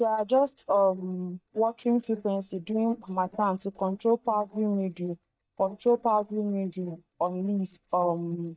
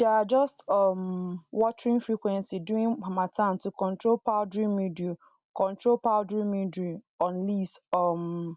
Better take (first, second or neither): second